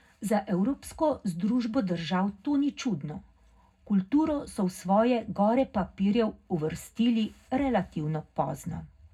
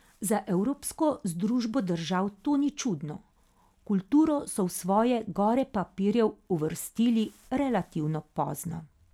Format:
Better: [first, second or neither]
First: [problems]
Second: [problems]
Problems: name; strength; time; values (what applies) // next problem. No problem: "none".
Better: second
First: room echo; dies away in 0.3 s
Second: none